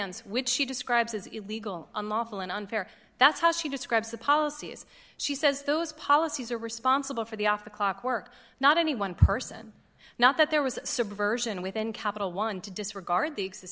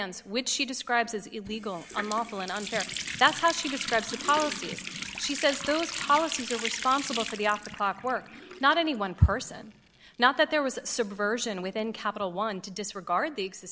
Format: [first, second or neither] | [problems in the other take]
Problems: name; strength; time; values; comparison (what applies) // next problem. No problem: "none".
first | background sound (Water tap, faucet); 11 dB below the speech